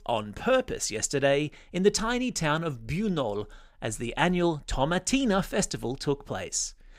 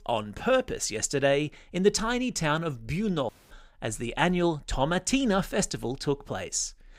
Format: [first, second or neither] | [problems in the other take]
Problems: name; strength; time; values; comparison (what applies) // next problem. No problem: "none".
first | audio cutting out; at 3.5 s